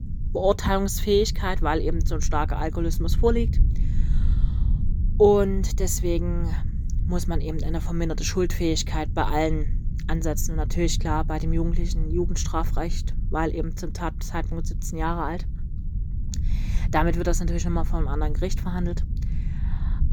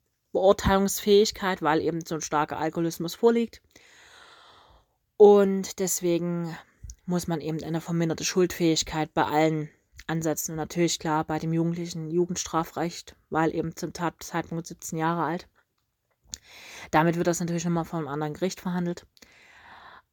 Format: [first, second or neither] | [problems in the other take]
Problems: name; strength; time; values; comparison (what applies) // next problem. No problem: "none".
second | low rumble; noticeable; throughout; 15 dB below the speech